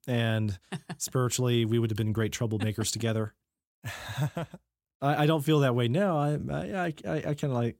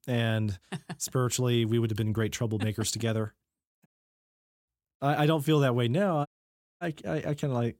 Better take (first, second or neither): first